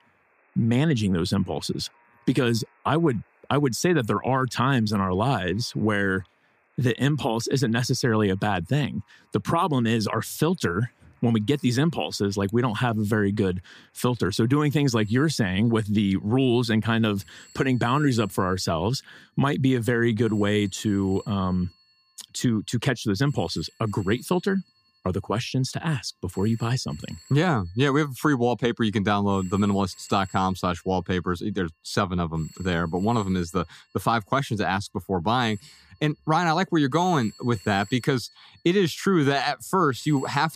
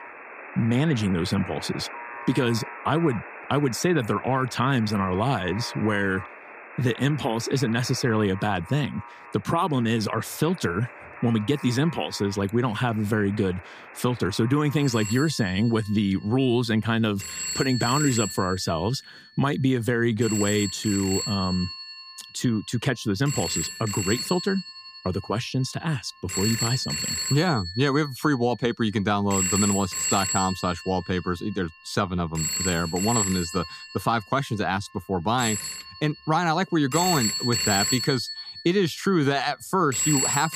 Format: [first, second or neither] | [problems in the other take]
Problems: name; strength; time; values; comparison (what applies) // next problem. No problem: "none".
first | alarms or sirens; loud; throughout; 5 dB below the speech; faint in the first